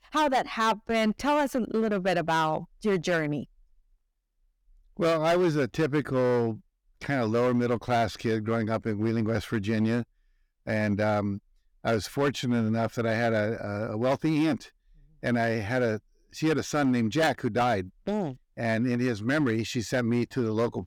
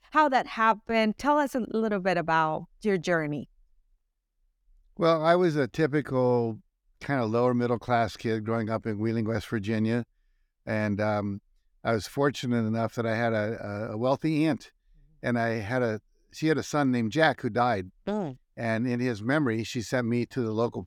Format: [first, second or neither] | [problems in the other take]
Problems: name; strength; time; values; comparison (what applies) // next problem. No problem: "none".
second | distortion; slight; 7% of the sound clipped